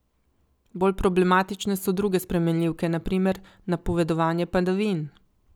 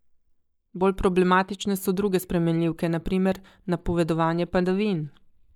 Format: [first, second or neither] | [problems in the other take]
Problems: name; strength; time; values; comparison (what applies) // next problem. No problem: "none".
first | noise reduction (neural mask model DeepFilterNet 3)